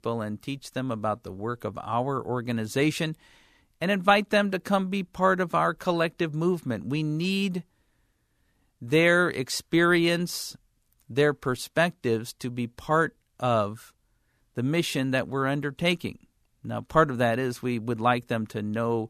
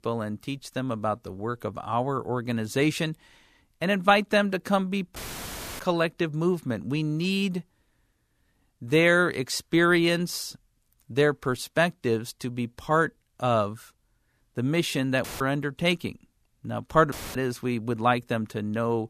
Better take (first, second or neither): first